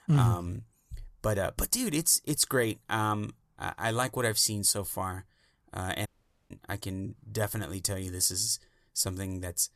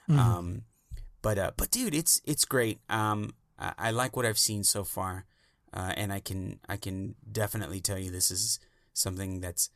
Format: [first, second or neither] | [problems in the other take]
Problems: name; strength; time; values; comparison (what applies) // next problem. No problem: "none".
second | audio cutting out; at 6 s